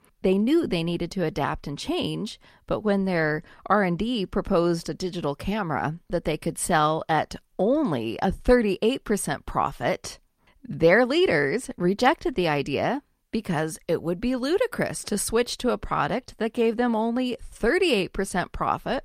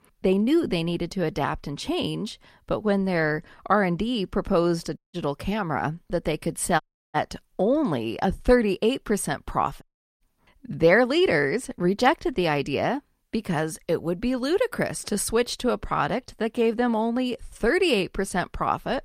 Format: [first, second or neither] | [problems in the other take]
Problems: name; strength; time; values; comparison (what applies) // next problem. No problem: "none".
first | audio cutting out; at 5 s, at 7 s and at 10 s